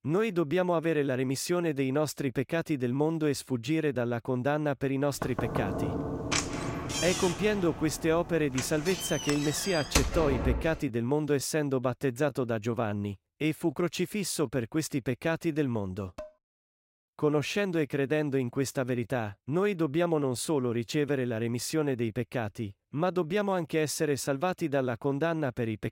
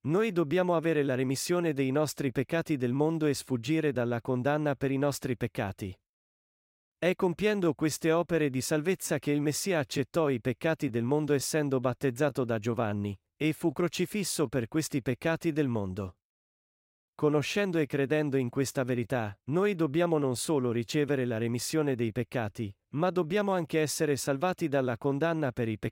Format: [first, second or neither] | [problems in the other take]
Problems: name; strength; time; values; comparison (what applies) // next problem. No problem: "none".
second | door banging; loud; from 5 to 11 s; peak 1 dB above the speech // clattering dishes; faint; at 16 s; peak 15 dB below the speech